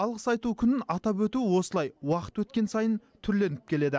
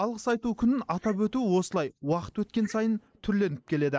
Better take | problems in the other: first | noise reduction (neural mask model Resemble Enhance denoiser)

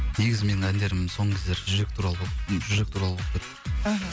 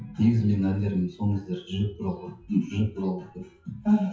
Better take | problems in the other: first | noise reduction (classical method WPE with log-MMSE)

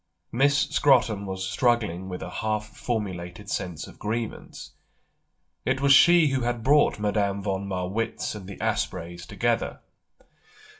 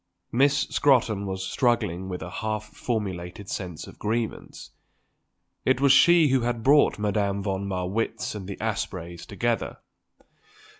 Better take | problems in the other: second | room echo; dies away in 0.2 s

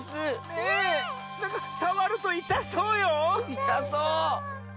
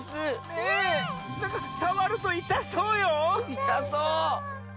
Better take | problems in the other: first | background sound (Wild animals); 17 dB below the speech

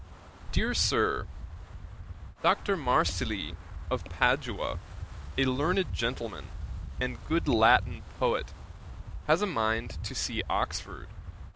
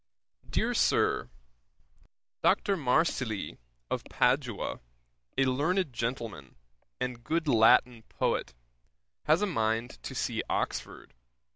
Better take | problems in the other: second | background sound (Wind); 8 dB below the speech

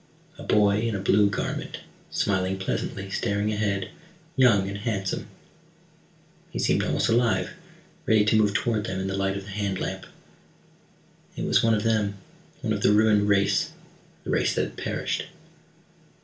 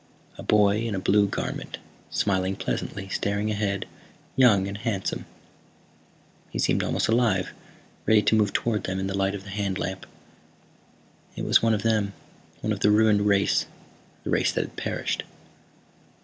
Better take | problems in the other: second | room echo; dies away in 0.3 s

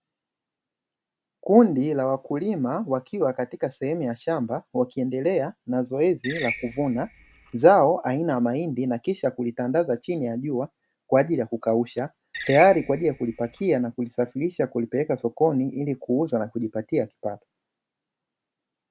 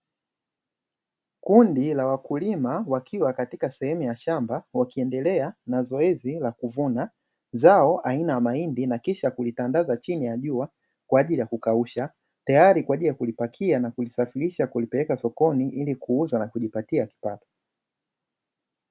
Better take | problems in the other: second | background sound (Screech); 12 dB below the speech

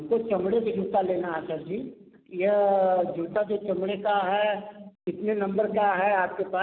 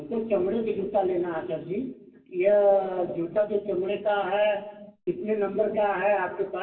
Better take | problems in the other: first | room echo; dies away in 0.1 s

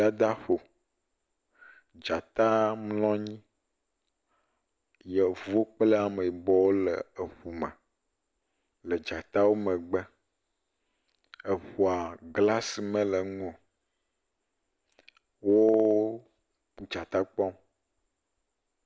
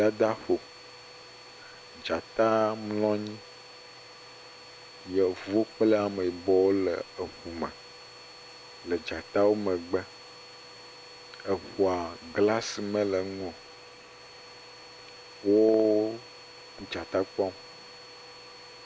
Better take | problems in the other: first | background sound (Domestic sounds, home sounds); 18 dB below the speech

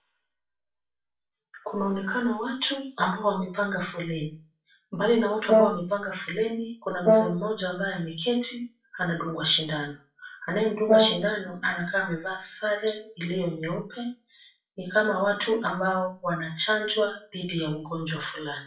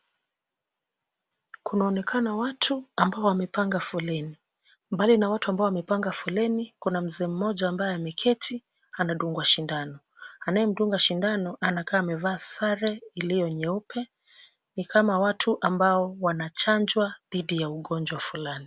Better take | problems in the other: second | noise reduction (classical method WPE with log-MMSE)

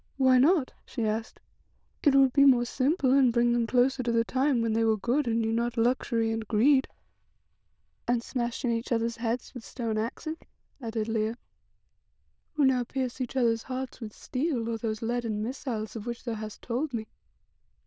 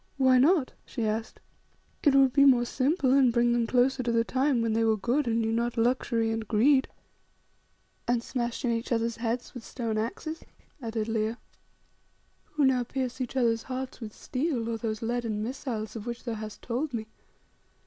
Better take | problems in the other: second | noise reduction (neural diffusion model UNIVERSE++)

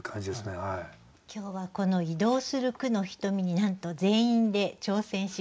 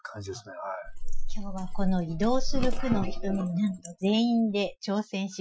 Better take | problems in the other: first | noise reduction (classical method Wiener filter)

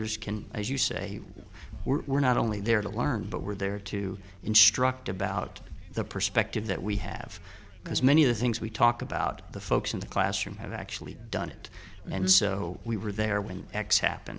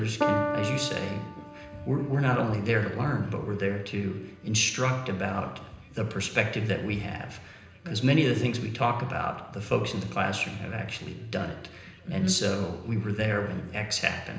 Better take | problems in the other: first | background sound (Piano); 11 dB below the speech // room echo; dies away in 0.9 s

